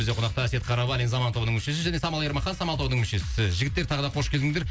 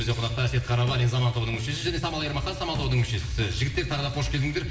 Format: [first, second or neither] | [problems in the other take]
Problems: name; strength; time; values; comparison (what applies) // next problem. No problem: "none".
first | background sound (Drum kit); 17 dB below the speech // room echo; dies away in 2.7 s